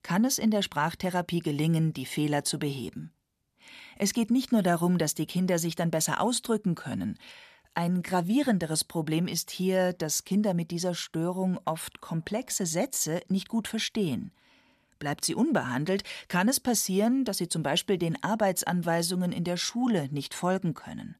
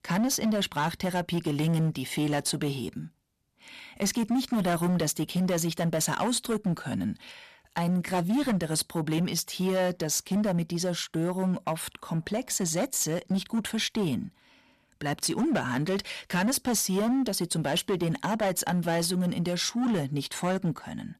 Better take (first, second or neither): first